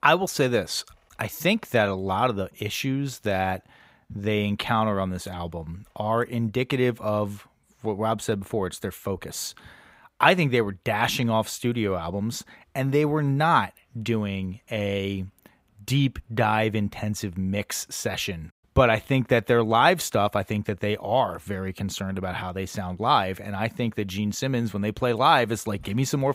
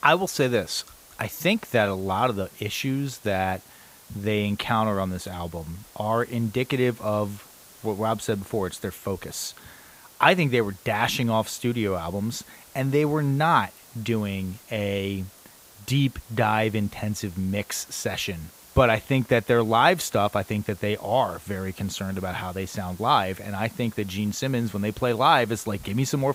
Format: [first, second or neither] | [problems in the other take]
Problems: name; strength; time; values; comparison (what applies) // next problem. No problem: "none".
first | hiss; faint; throughout; 20 dB below the speech